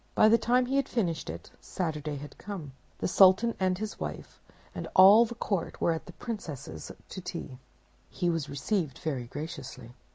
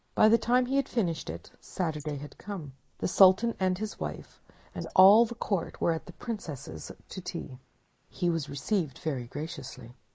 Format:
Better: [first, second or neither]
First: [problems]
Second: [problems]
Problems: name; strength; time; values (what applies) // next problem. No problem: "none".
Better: first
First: none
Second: noise reduction (neural mask model Resemble Enhance denoiser)